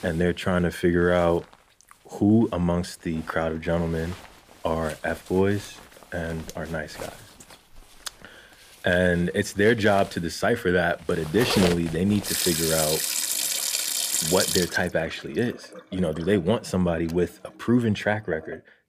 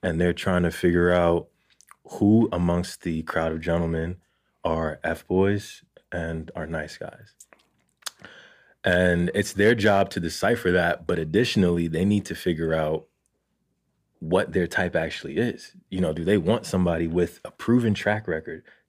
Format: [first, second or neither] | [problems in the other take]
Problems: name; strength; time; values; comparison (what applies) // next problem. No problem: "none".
second | household noises; loud; throughout; 1 dB below the speech